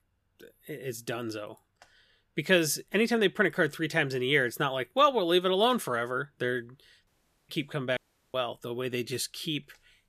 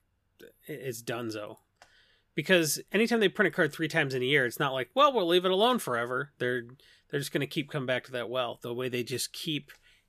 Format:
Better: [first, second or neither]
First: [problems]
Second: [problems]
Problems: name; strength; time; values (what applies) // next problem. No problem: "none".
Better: second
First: audio cutting out; at 7 s and at 8 s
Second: none